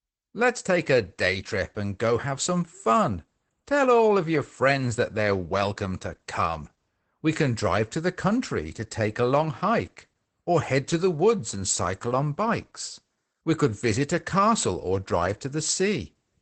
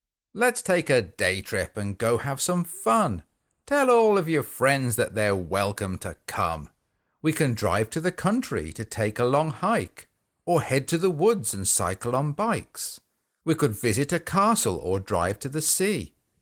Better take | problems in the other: second | garbled, watery; badly; nothing above 8 kHz; slightly in the second

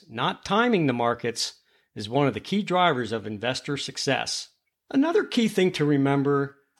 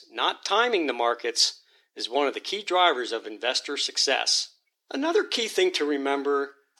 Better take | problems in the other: first | thin; somewhat; fading below 300 Hz

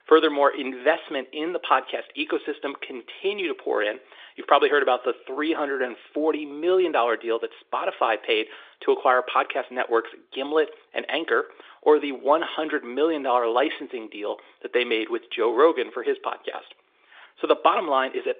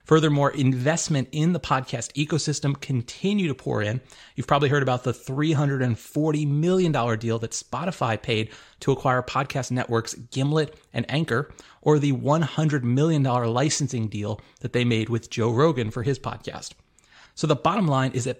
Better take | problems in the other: second | phone-call audio

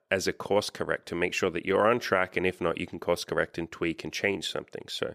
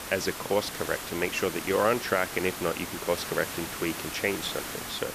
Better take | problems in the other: first | hiss; loud; throughout; 6 dB below the speech

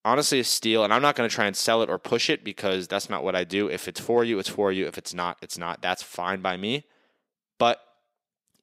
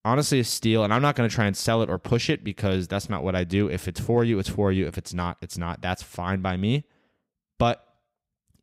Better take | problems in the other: second | thin; somewhat; fading below 350 Hz

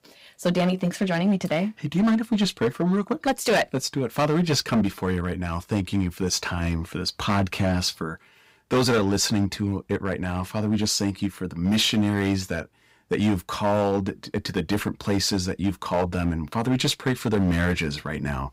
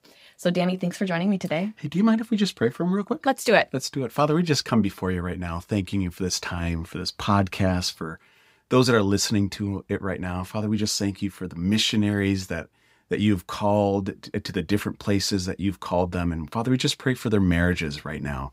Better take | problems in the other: second | distortion; slight; 7% of the sound clipped

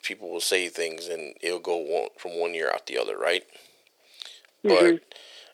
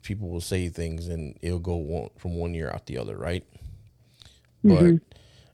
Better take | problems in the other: second | thin; very; fading below 400 Hz

